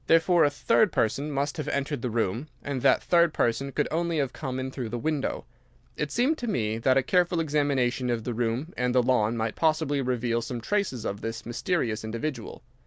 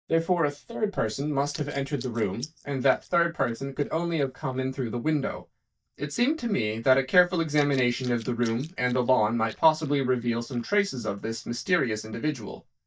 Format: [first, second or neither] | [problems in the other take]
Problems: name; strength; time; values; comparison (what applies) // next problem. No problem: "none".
first | noise reduction (neural mask model DeepFilterNet 3)